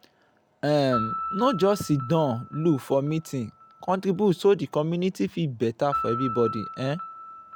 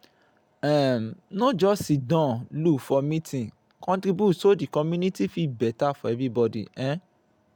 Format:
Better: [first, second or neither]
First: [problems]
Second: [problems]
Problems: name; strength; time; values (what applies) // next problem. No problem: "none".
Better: second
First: background sound (Piano); 11 dB below the speech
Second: none